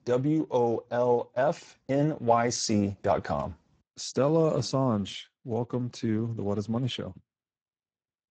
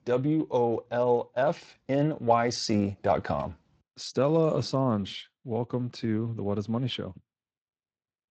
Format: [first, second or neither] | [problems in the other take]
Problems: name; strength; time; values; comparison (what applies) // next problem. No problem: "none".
second | garbled, watery; badly; nothing above 7.5 kHz; slightly in the second